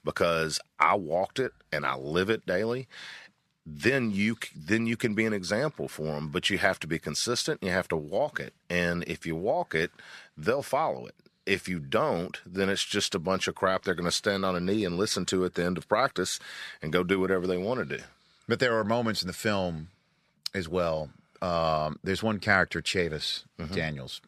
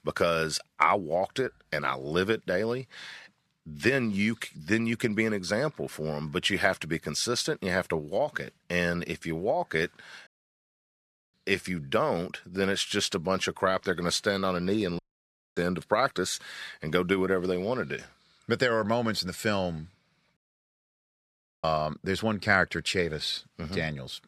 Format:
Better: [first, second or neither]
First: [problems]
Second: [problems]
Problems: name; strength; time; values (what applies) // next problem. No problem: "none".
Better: first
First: none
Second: audio cutting out; at 10 s for 1 s, at 15 s for 0.5 s and at 20 s for 1.5 s